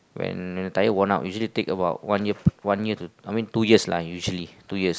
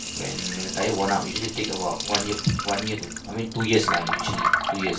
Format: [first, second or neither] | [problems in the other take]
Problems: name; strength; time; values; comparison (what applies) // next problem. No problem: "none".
first | background sound (Liquid); 2 dB below the speech // room echo; dies away in 0.2 s